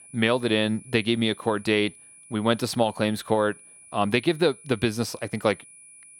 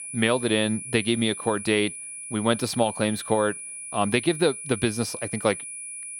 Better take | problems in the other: first | high-pitched whine; loud; throughout; 10 kHz, 9 dB below the speech; faint in the first

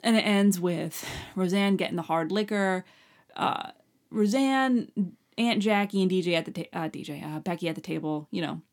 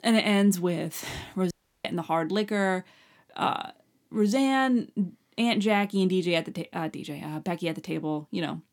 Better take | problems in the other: first | audio cutting out; at 1.5 s

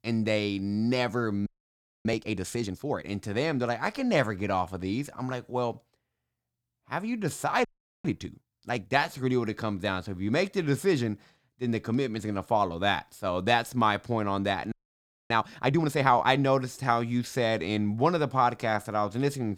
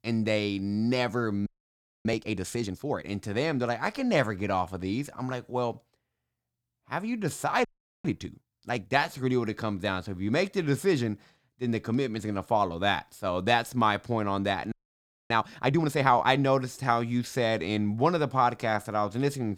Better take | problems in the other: neither | audio freezing; at 1.5 s for 0.5 s, at 7.5 s and at 15 s for 0.5 s; the same in both

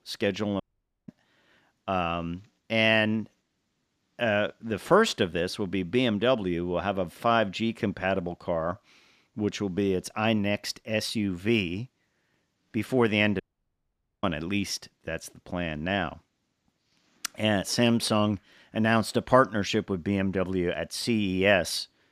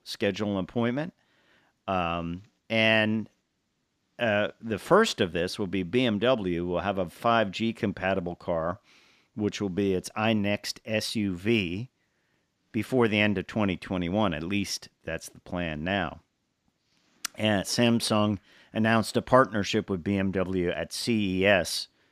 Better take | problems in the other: second | audio cutting out; at 0.5 s and at 13 s for 1 s

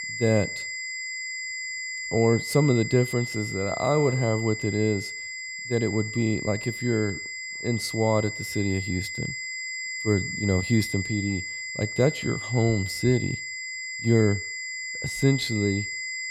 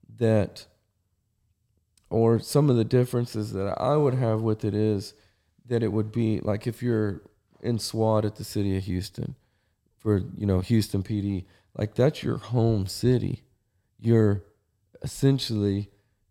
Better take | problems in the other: second | high-pitched whine; loud; throughout; 2 kHz, 6 dB below the speech

